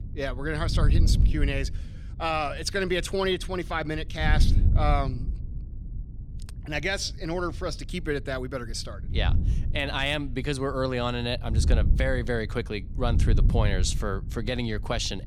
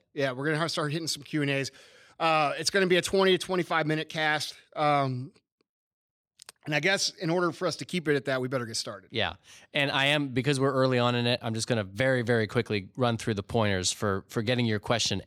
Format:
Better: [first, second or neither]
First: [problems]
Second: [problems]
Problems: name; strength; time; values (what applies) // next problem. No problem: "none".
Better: second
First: wind noise on the microphone; occasional gusts; 15 dB below the speech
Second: none